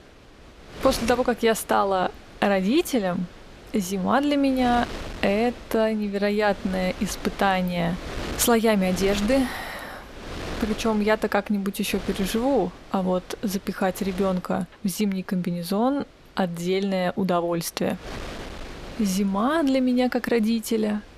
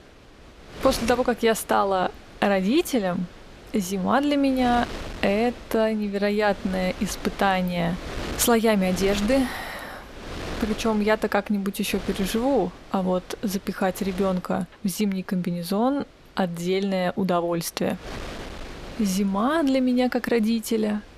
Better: neither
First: wind noise on the microphone; occasional gusts; 15 dB below the speech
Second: wind noise on the microphone; occasional gusts; 15 dB below the speech

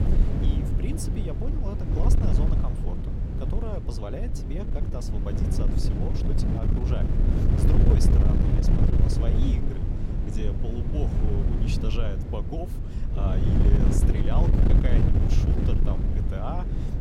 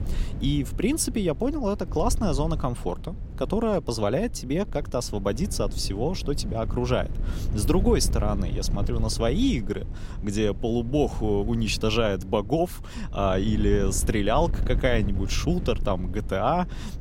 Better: second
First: wind noise on the microphone; heavy; 2 dB above the speech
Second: wind noise on the microphone; occasional gusts; 15 dB below the speech

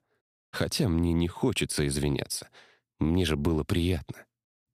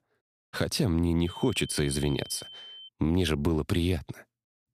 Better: first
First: none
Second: high-pitched whine; noticeable; from 1.5 to 3 s; 3 kHz, 15 dB below the speech

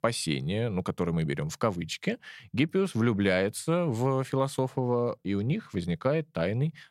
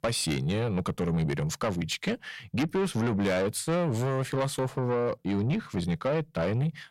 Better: first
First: none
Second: distortion; heavy; 8 dB below the speech

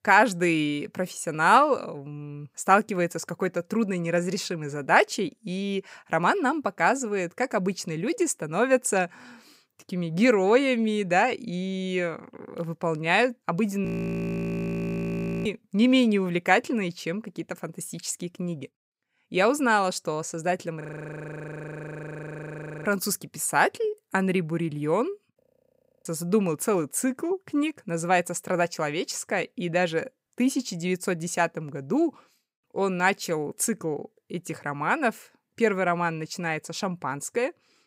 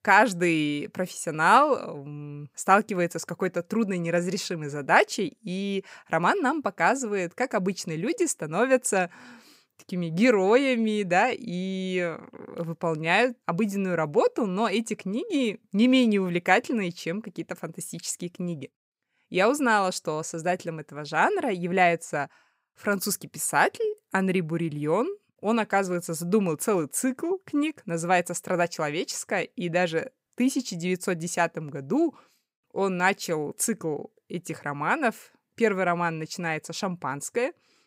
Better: second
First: audio freezing; at 14 s for 1.5 s, at 21 s for 2 s and at 25 s for 0.5 s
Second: none

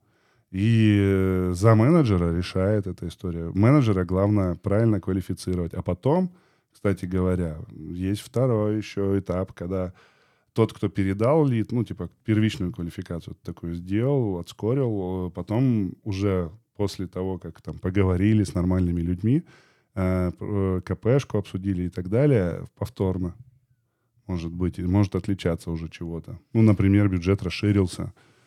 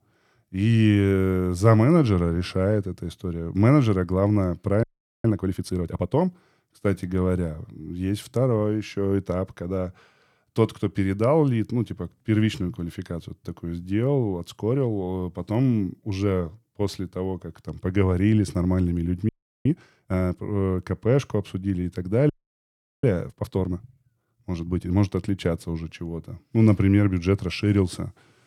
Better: first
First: none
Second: audio freezing; at 5 s, at 19 s and at 22 s for 0.5 s

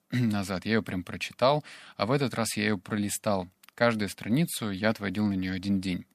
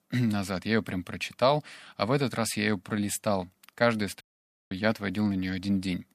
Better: first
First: none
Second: audio cutting out; at 4 s for 0.5 s

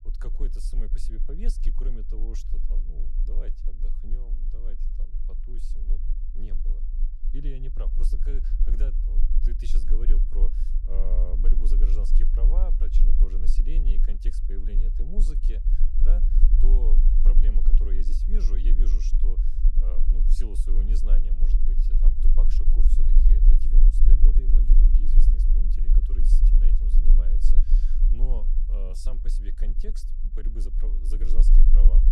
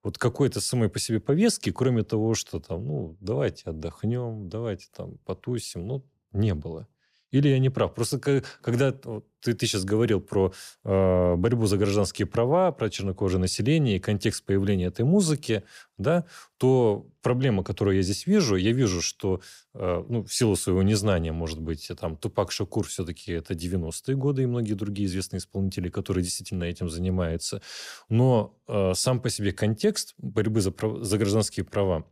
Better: second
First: low rumble; loud; throughout; 3 dB below the speech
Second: none

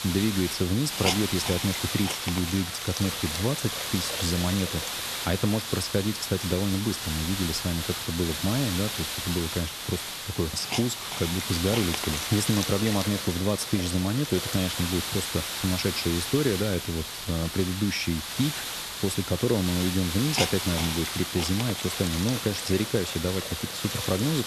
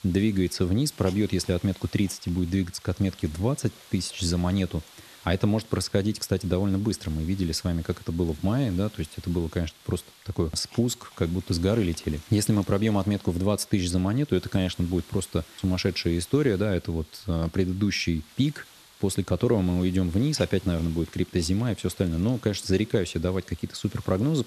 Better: second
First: hiss; loud; throughout; 2 dB below the speech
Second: hiss; faint; throughout; 20 dB below the speech

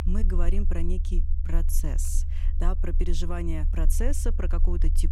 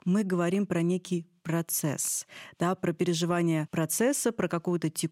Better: second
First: low rumble; noticeable; throughout; 10 dB below the speech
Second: none

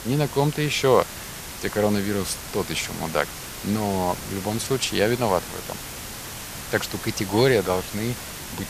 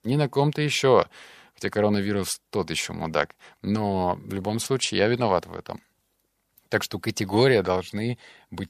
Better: second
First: hiss; loud; throughout; 10 dB below the speech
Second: none

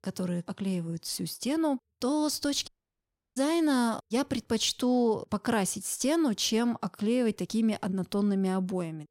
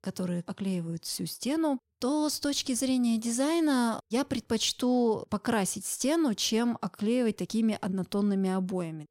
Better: second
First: audio cutting out; at 2.5 s for 0.5 s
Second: none

